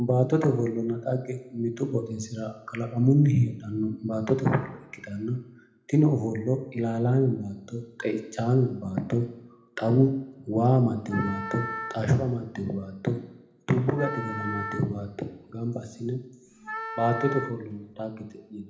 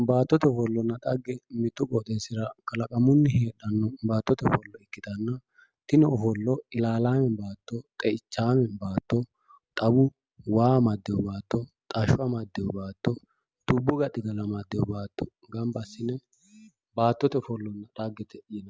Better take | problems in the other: second | background sound (Wind instrument, woodwind instrument); 10 dB below the speech // room echo; dies away in 0.8 s

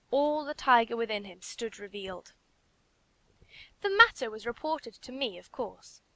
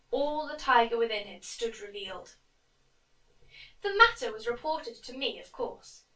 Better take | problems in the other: first | room echo; dies away in 0.1 s

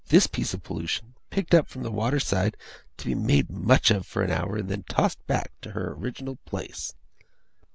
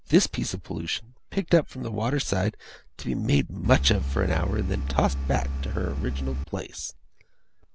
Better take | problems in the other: first | background sound (Engine); 1 dB below the speech

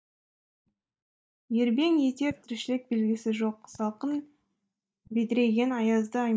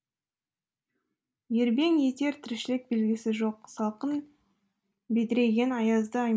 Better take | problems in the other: second | noise reduction (neural mask model DeepFilterNet 3)

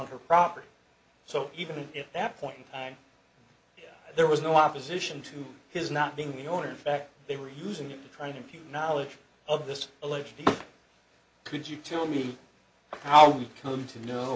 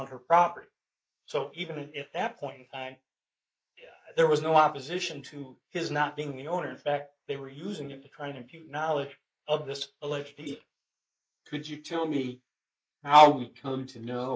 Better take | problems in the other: first | noise reduction (neural mask model Resemble Enhance denoiser)

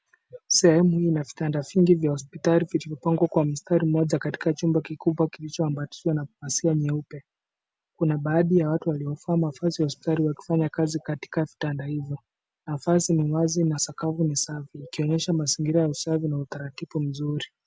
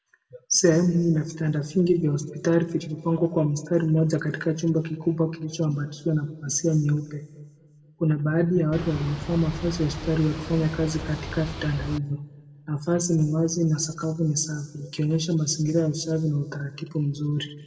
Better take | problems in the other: first | background sound (Boat, Water vehicle); 10 dB below the speech // room echo; dies away in 1 s

